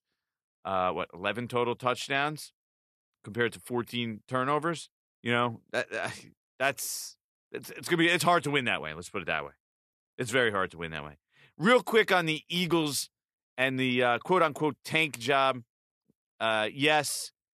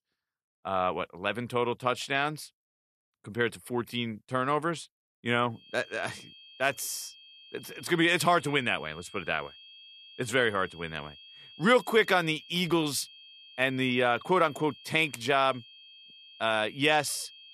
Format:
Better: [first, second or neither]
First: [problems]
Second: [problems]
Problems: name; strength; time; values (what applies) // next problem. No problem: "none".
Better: first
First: none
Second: high-pitched whine; faint; from 5.5 s on; 3 kHz, 20 dB below the speech